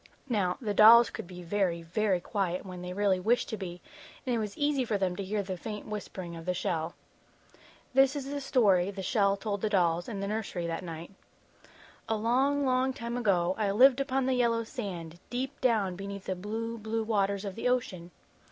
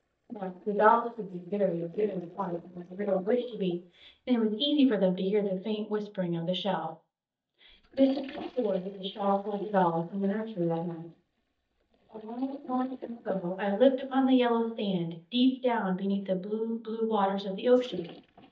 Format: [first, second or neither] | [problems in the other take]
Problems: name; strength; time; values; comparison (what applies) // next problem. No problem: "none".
first | noise reduction (neural mask model DeepFilterNet 3)